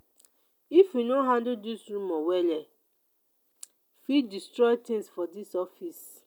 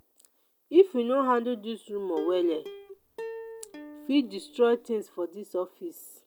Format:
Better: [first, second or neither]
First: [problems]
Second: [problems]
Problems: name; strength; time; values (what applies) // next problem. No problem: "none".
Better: first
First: none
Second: background sound (Plucked string instrument); 14 dB below the speech